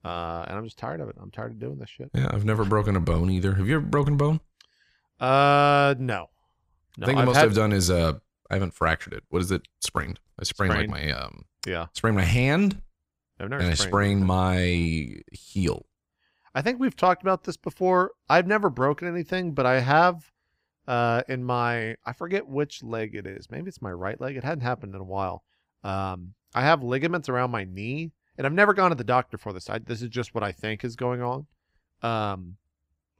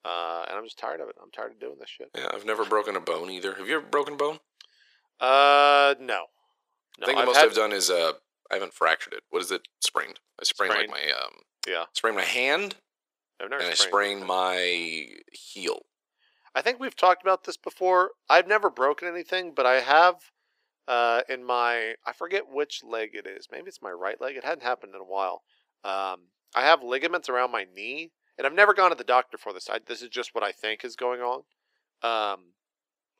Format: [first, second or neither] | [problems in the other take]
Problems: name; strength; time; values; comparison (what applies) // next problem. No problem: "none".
first | thin; very; fading below 400 Hz